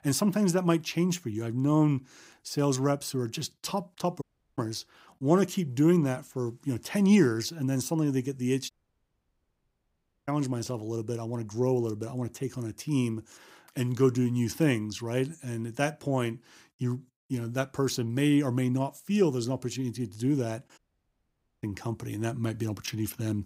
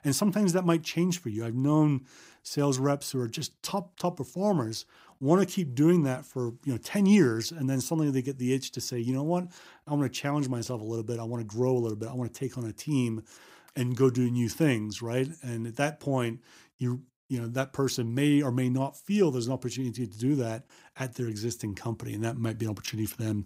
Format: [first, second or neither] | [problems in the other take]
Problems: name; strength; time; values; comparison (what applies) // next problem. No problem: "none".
second | audio cutting out; at 4 s, at 8.5 s for 1.5 s and at 21 s for 1 s